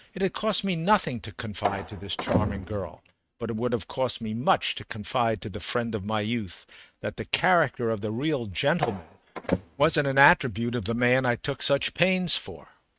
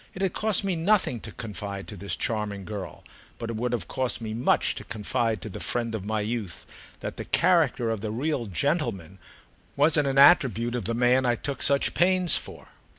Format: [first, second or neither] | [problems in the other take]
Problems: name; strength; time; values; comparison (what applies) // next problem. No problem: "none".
second | noise reduction (neural mask model RNNoise)